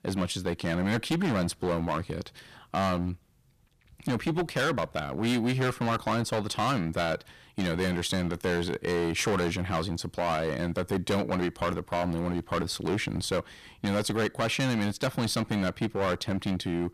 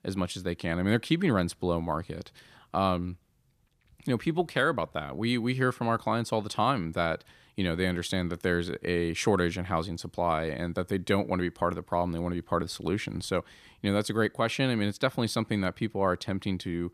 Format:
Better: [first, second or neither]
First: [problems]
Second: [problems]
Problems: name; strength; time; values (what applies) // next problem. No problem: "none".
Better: second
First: distortion; heavy; 14% of the sound clipped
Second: none